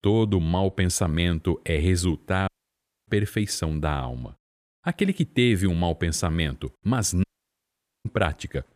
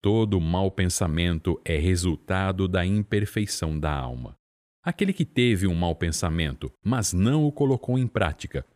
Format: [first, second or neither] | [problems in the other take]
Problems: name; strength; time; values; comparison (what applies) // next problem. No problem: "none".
second | audio cutting out; at 2.5 s for 0.5 s and at 7 s for 1 s